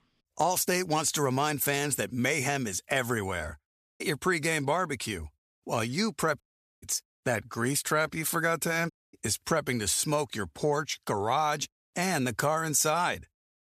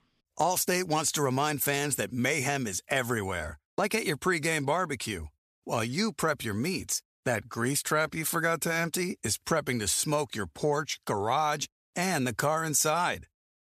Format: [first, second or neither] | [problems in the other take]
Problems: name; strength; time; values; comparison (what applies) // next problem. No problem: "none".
second | audio cutting out; at 3.5 s, at 6.5 s and at 9 s